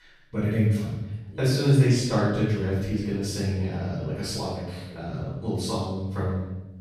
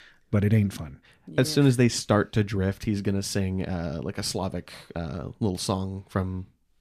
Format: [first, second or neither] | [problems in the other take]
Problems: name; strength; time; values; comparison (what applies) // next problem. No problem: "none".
second | off-mic speech; far // room echo; strong; dies away in 0.9 s